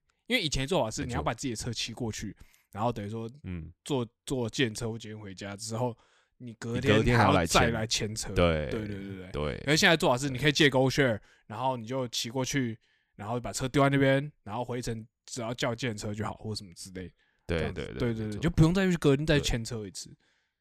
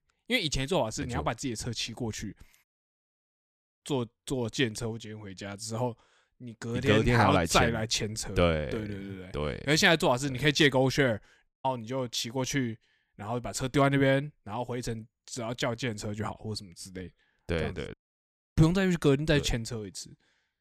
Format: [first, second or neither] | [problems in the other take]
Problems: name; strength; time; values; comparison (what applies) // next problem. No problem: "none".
first | audio cutting out; at 2.5 s for 1 s, at 11 s and at 18 s for 0.5 s